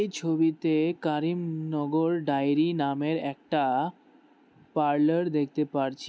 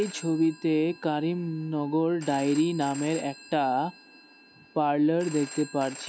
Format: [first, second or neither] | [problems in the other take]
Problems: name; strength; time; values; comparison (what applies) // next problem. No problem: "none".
first | background sound (Telephone); 18 dB below the speech